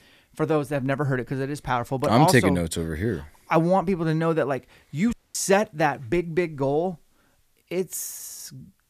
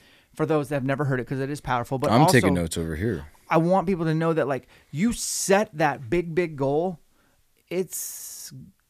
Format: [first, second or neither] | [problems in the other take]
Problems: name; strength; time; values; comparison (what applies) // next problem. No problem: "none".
second | audio cutting out; at 5 s